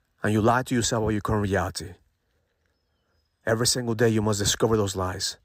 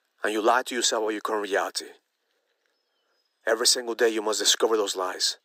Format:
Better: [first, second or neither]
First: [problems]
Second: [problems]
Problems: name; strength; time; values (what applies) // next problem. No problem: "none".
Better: first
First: none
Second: thin; very; fading below 300 Hz